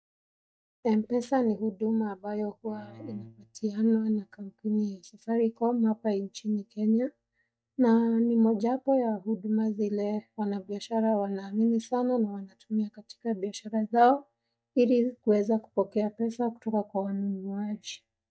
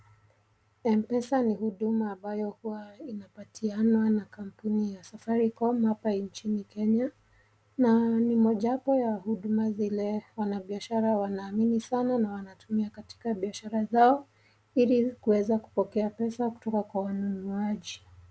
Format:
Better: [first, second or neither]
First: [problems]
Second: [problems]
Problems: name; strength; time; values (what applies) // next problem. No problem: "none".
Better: second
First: noise reduction (neural mask model DeepFilterNet 3)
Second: none